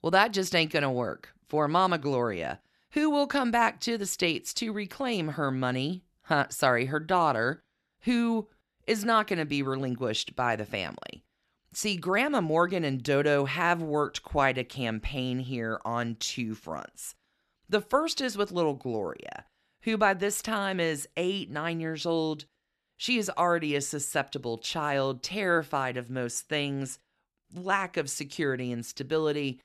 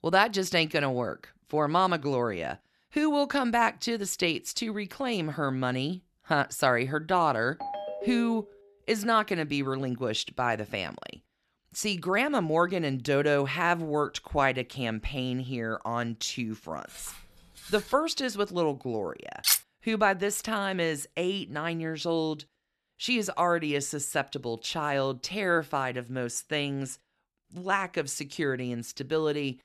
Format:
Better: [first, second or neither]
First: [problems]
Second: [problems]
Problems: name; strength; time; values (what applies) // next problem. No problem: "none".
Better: first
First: none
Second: phone ringing; noticeable; at 7.5 s; peak 7 dB below the speech // footsteps; faint; from 17 to 18 s; peak 15 dB below the speech // clattering dishes; loud; at 19 s; peak 5 dB above the speech